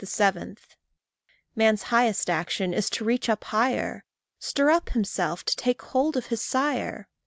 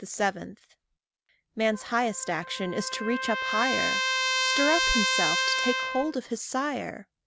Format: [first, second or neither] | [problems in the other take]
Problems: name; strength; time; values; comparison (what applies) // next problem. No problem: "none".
first | background sound (Trumpet); as loud as the speech